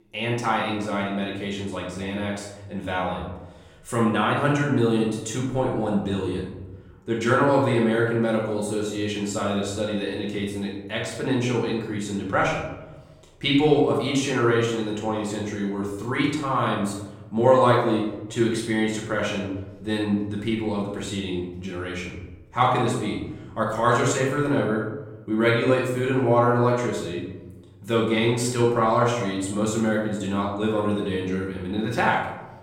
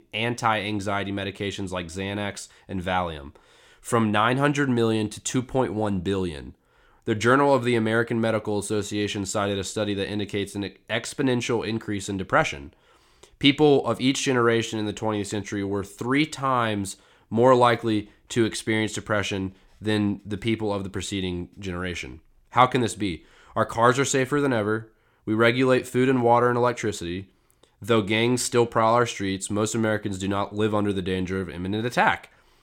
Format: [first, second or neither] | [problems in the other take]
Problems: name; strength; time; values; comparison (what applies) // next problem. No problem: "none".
second | room echo; noticeable; dies away in 0.9 s // off-mic speech; far